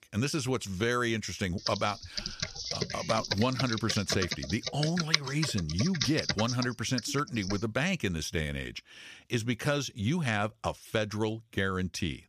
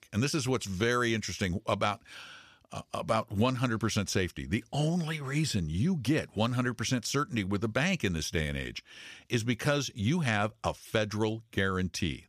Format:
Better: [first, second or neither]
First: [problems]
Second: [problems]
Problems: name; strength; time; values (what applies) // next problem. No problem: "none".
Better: second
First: keyboard typing; loud; from 1.5 to 7.5 s; peak 3 dB above the speech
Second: none